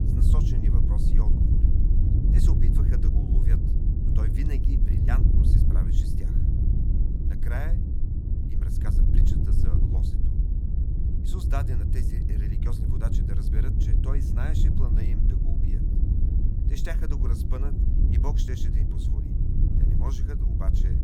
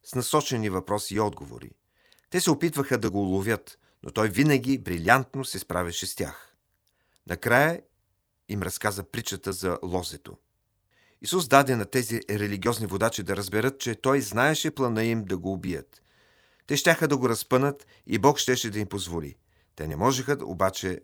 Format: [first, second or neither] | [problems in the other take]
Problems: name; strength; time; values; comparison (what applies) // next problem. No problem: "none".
second | wind noise on the microphone; heavy; 2 dB above the speech